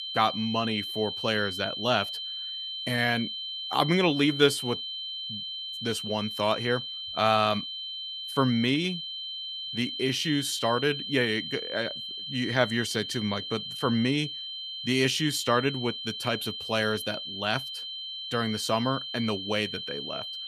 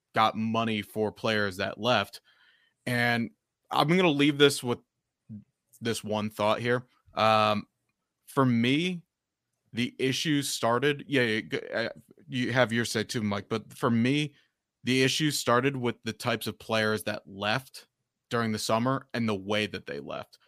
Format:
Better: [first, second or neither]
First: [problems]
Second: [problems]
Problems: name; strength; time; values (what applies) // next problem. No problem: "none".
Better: second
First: high-pitched whine; loud; throughout; 3 kHz, 5 dB below the speech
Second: none